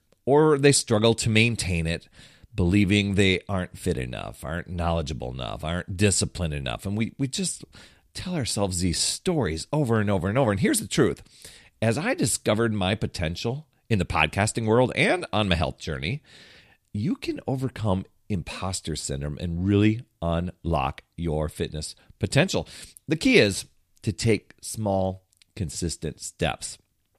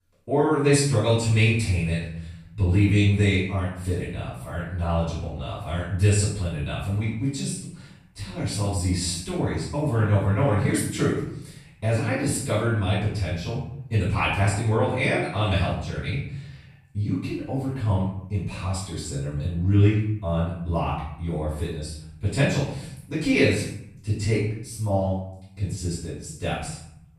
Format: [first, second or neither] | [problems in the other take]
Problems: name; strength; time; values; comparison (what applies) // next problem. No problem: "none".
first | off-mic speech; far // room echo; noticeable; dies away in 0.7 s